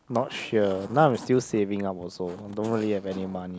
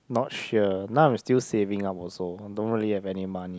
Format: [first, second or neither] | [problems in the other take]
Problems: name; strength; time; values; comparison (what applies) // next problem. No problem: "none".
second | background sound (Zipper (clothing)); 20 dB below the speech